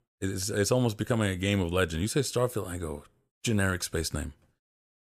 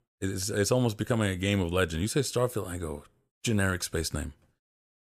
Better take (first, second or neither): neither